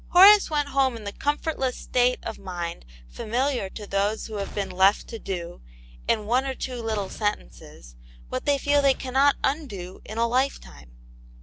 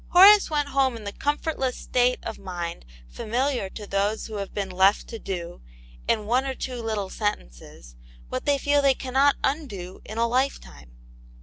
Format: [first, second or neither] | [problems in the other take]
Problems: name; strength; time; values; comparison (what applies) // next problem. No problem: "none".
second | background sound (Gunshot, gunfire); 16 dB below the speech